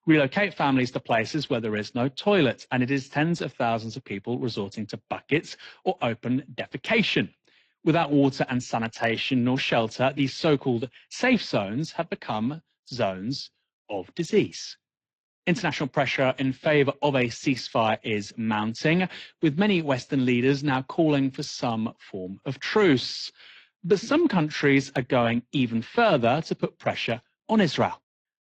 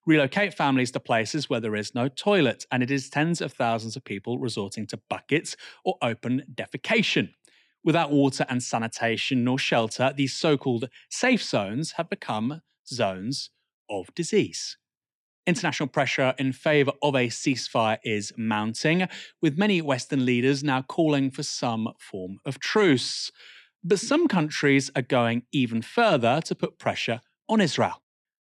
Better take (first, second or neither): second